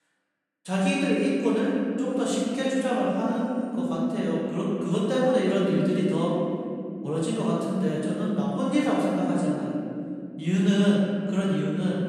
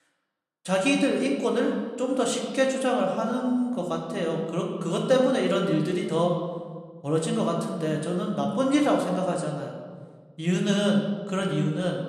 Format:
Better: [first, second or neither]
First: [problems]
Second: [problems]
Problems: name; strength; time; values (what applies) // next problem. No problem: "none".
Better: second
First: room echo; strong; dies away in 3 s // off-mic speech; far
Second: room echo; slight; dies away in 1.3 s // off-mic speech; somewhat distant